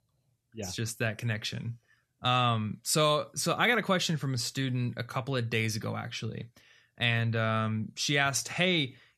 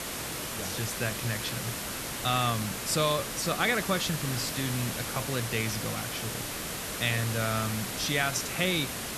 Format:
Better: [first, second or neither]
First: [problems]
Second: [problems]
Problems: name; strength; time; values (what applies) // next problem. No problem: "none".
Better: first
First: none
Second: hiss; loud; throughout; 3 dB below the speech